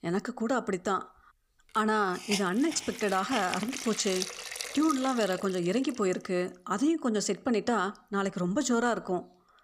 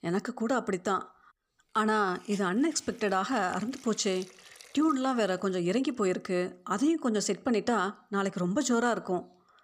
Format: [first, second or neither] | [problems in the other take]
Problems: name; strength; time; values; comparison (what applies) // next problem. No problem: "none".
second | hiss; loud; throughout; 8 dB below the speech; faint in the second